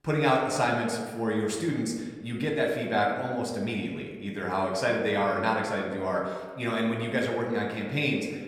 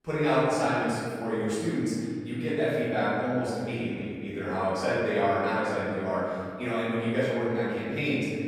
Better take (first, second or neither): first